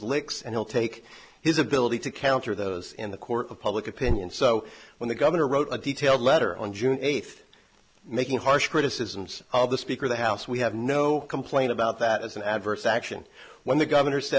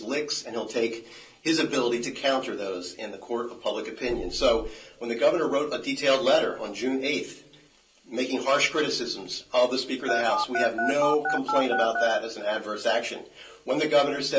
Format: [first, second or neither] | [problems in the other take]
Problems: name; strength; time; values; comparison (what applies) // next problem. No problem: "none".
first | background sound (Telephone); 1 dB below the speech // room echo; dies away in 0.3 s